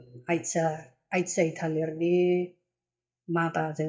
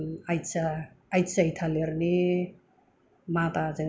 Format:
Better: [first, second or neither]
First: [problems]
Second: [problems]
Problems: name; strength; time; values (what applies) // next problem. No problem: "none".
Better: second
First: noise reduction (neural mask model DeepFilterNet 3)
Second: none